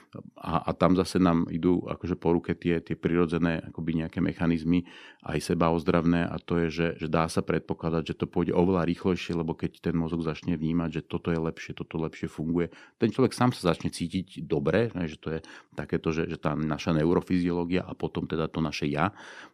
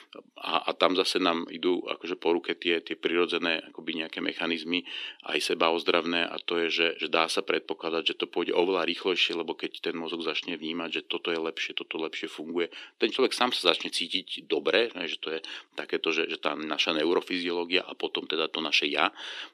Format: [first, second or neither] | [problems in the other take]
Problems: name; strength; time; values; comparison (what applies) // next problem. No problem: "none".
first | thin; somewhat; fading below 350 Hz